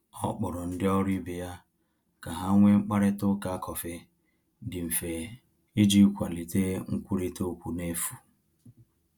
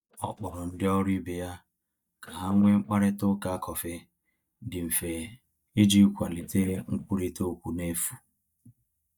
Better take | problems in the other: first | noise reduction (neural mask model DeepFilterNet 3)

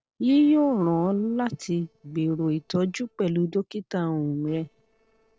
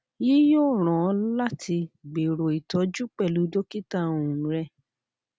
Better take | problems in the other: second | noise reduction (neural separator model SepFormer DNS4)

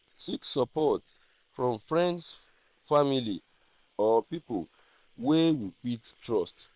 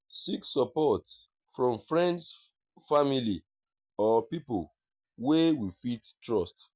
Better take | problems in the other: second | noise reduction (neural separator model SepFormer WHAM!)

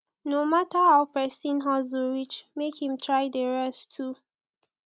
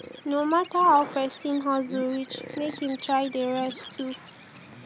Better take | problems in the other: first | background sound (Bird); 16 dB below the speech

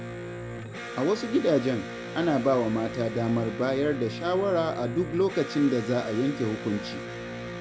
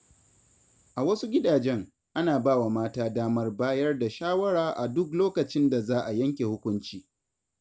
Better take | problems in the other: second | background sound (Electric guitar); 9 dB below the speech

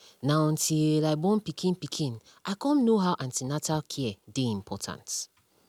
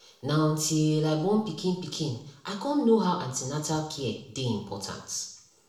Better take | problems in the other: first | room echo; dies away in 0.6 s

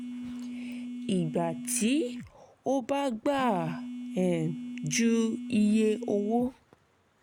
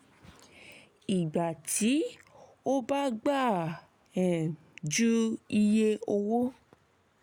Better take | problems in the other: second | background sound (Telephone); 9 dB below the speech

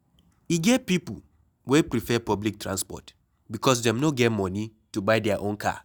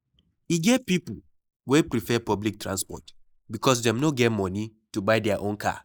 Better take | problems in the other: first | noise reduction (neural mask model Resemble Enhance denoiser)

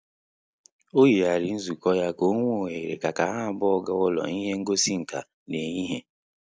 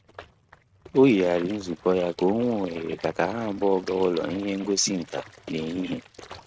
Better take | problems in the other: first | noise reduction (neural mask model RNNoise)

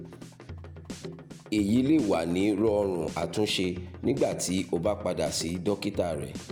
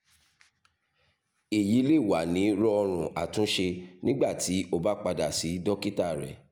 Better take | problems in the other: second | background sound (Drum kit); 13 dB below the speech

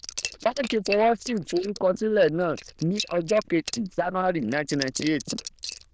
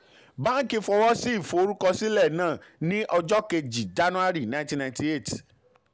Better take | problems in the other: second | noise reduction (neural diffusion model UNIVERSE++)

